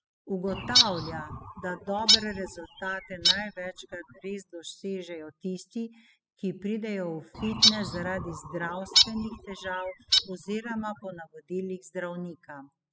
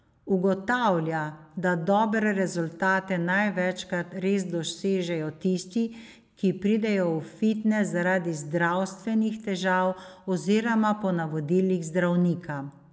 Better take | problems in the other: second | noise reduction (classical method spectral subtraction)

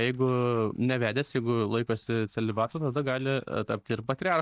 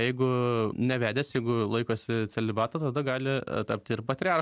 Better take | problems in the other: second | noise reduction (neural mask model DeepFilterNet 3)

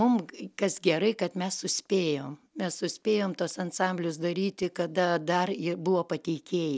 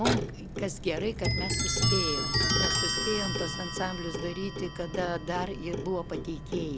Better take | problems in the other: first | background sound (Clock); 3 dB above the speech

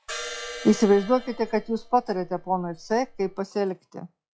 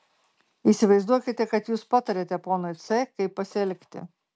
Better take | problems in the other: second | noise reduction (classical method log-MMSE)

